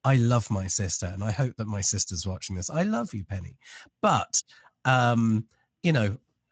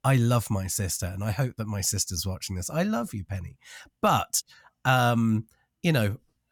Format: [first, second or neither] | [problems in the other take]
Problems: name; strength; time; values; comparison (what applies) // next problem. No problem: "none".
second | garbled, watery; slightly; nothing above 7.5 kHz